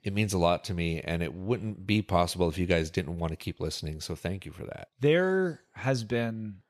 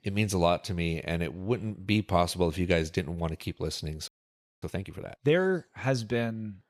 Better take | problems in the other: first | audio freezing; at 4 s for 0.5 s

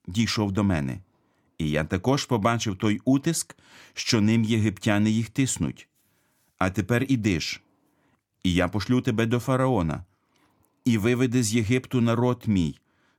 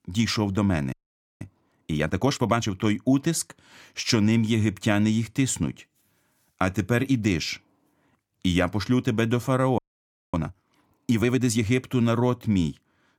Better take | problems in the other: first | audio freezing; at 1 s and at 10 s for 0.5 s

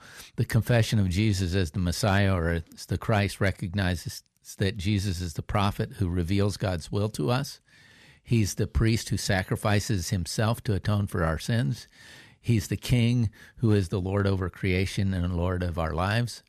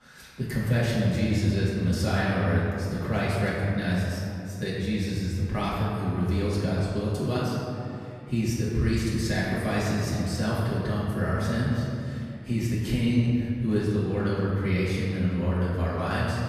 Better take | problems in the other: first | room echo; strong; dies away in 2.4 s // off-mic speech; far

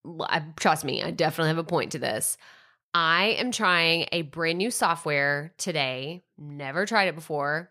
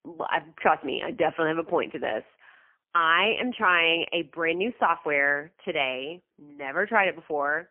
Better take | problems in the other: first | phone-call audio; poor line; nothing above 3 kHz

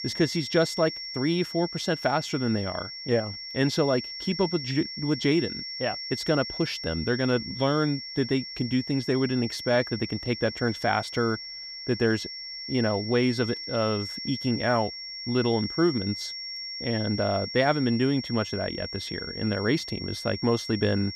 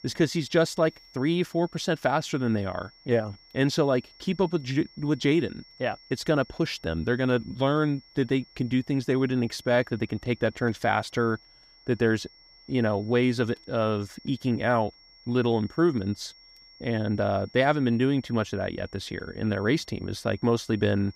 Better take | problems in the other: second | high-pitched whine; loud; throughout; 5.5 kHz, 7 dB below the speech; faint in the second

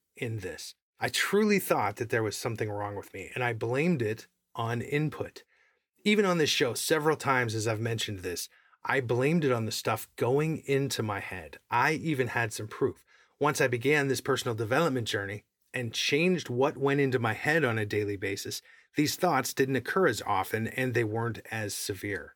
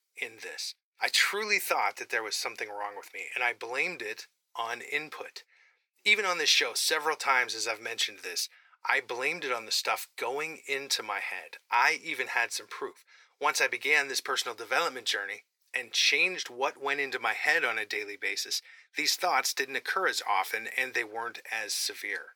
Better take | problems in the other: first | thin; very; fading below 750 Hz

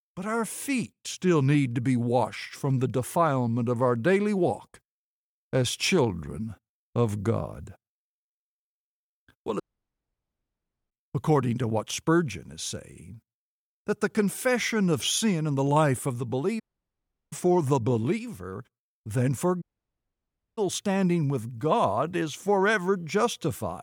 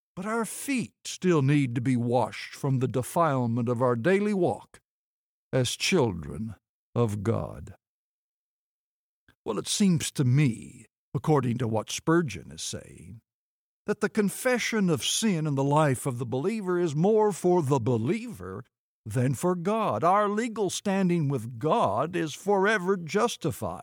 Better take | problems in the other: second | audio cutting out; at 9.5 s for 1.5 s, at 17 s for 0.5 s and at 20 s for 1 s

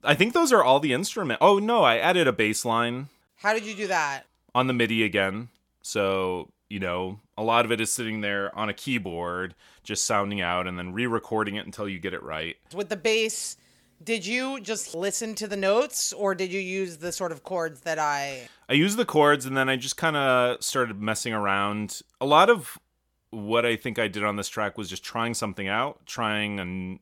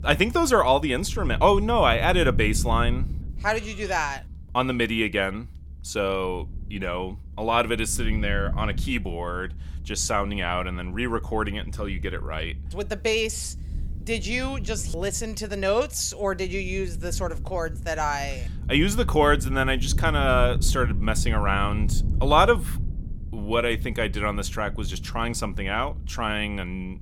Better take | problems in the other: first | low rumble; faint; throughout; 20 dB below the speech

